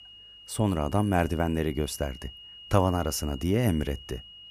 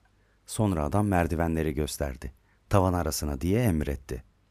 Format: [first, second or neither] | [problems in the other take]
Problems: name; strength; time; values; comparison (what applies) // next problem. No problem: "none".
second | high-pitched whine; noticeable; throughout; 3 kHz, 20 dB below the speech